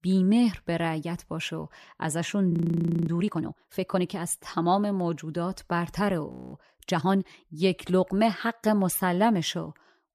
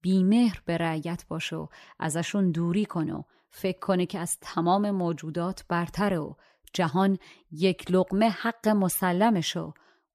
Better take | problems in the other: second | audio freezing; at 2.5 s for 0.5 s and at 6.5 s

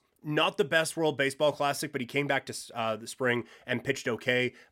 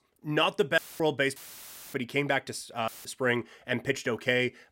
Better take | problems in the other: first | audio cutting out; filled with static; at 1 s, at 1.5 s for 0.5 s and at 3 s

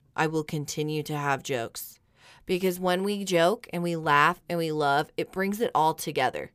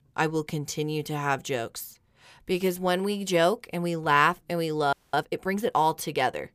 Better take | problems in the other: first | audio freezing; at 5 s

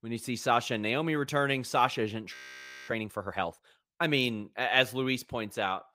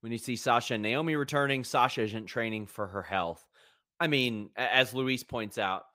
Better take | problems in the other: second | audio freezing; at 2.5 s for 0.5 s

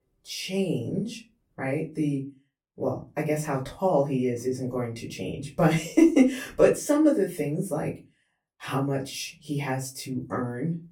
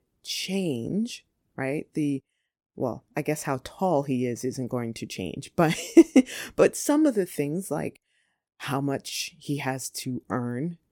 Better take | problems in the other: second | off-mic speech; far // room echo; very slight; dies away in 0.2 s

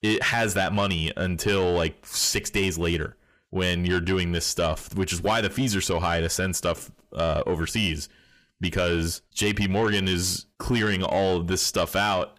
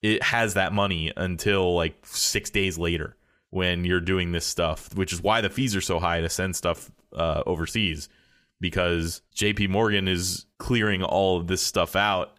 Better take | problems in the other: second | distortion; slight; 10 dB below the speech

